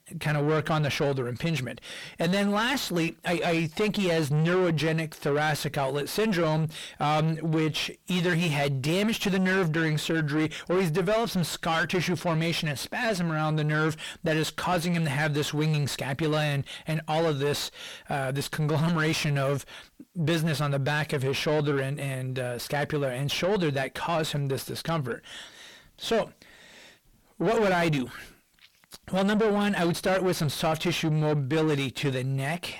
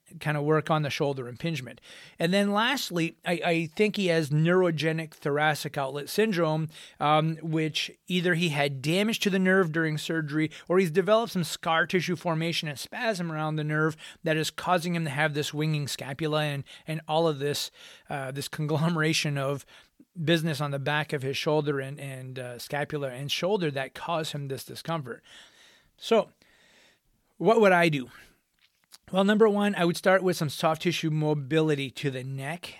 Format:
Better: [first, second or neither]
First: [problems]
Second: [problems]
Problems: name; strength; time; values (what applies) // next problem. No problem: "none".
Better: second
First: distortion; heavy; 6 dB below the speech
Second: none